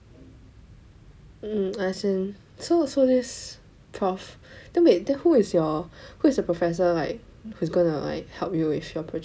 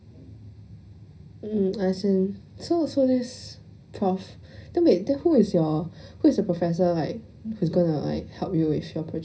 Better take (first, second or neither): first